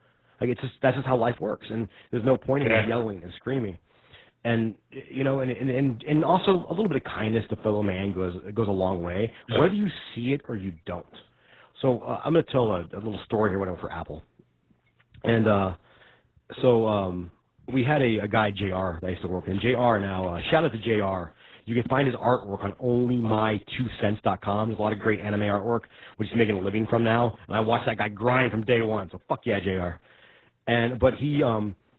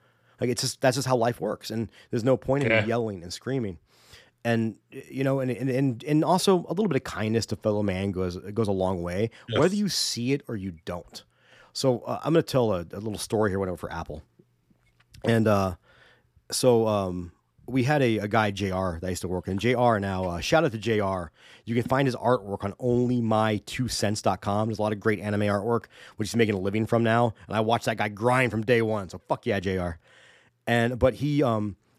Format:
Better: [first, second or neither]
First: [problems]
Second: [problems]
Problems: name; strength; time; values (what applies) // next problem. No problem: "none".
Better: second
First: garbled, watery; badly; nothing above 4 kHz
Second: none